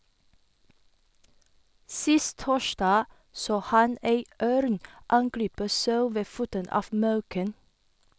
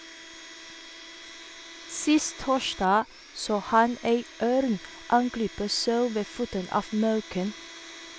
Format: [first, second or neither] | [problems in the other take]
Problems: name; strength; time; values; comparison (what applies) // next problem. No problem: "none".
first | background sound (Domestic sounds, home sounds); 17 dB below the speech